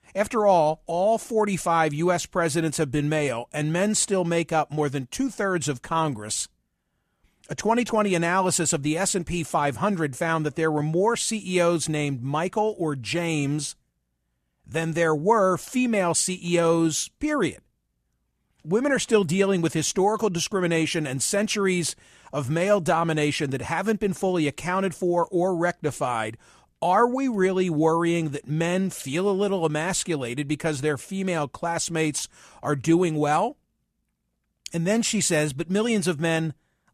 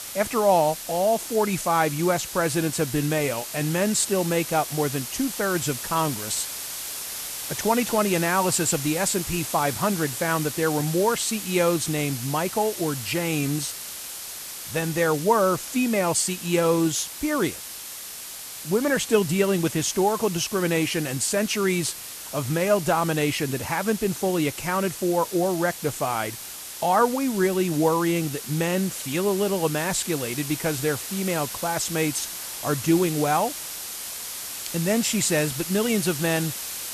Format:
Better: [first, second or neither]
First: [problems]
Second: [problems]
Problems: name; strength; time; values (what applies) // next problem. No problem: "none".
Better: first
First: none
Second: hiss; loud; throughout; 8 dB below the speech